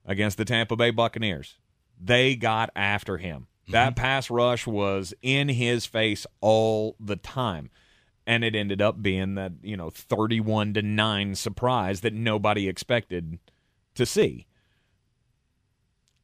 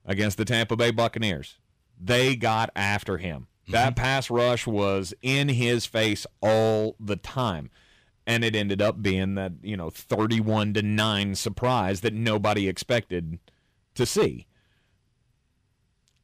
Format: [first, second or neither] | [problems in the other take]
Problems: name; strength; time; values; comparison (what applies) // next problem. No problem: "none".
first | distortion; slight; 4% of the sound clipped